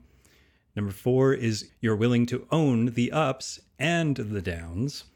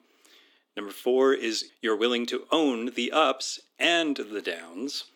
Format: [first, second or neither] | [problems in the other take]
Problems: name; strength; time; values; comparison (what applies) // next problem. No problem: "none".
first | thin; somewhat; fading below 300 Hz